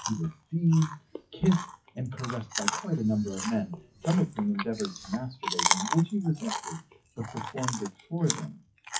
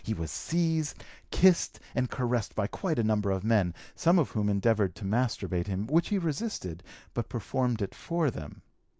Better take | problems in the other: second | noise reduction (classical method WPE with log-MMSE)

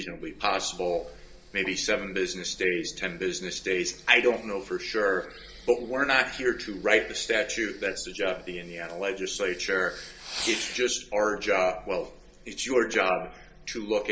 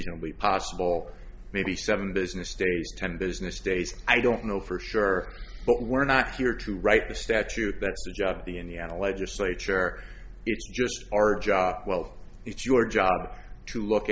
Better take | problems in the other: second | background sound (Fireworks); 18 dB below the speech // room echo; dies away in 0.2 s

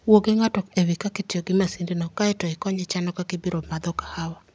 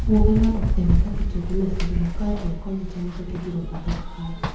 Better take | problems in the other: first | background sound (Run); 3 dB above the speech // room echo; dies away in 1 s

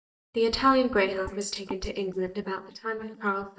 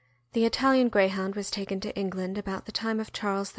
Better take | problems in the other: second | noise reduction (neural mask model DeepFilterNet 3)

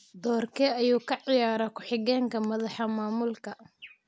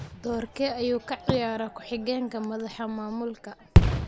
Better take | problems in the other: first | background sound (Fireworks); 3 dB above the speech

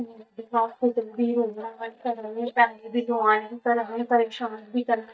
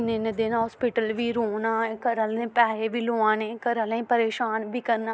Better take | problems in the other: second | noise reduction (neural mask model DeepFilterNet 3)

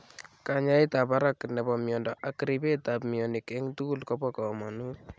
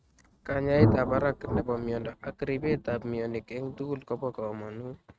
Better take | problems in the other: first | noise reduction (neural mask model RNNoise)

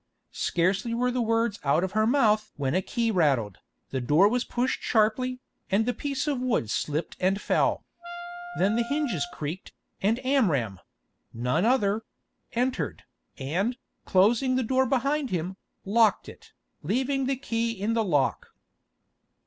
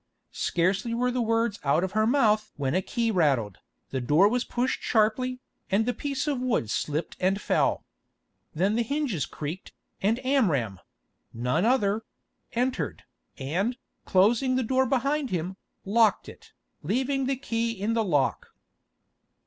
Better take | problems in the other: second | background sound (Wind instrument, woodwind instrument); 12 dB below the speech

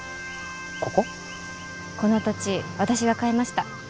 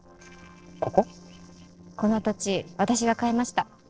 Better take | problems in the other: first | noise reduction (neural separator model SepFormer DNS4)

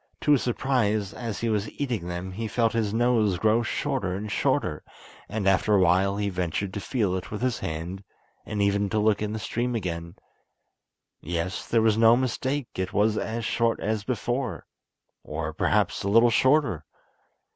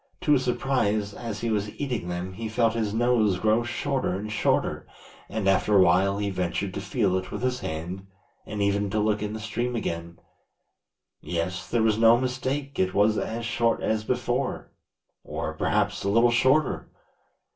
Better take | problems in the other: first | room echo; dies away in 0.2 s

